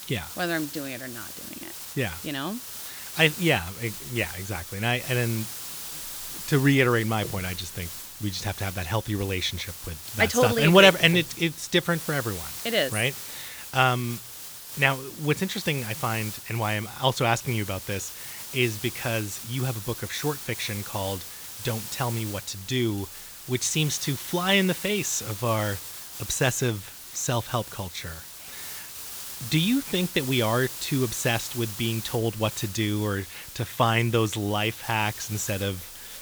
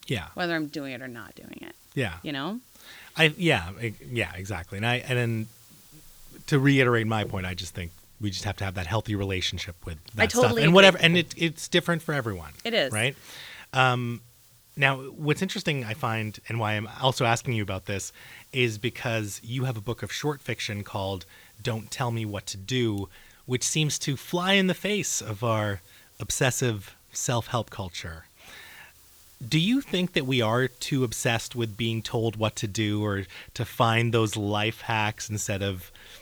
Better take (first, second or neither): second